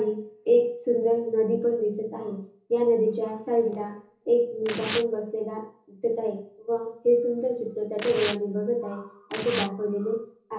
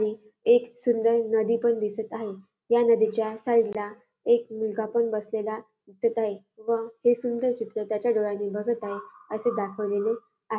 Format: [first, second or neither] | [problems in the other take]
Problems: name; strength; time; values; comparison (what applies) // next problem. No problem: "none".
second | background sound (Tearing); 11 dB below the speech // room echo; dies away in 1.2 s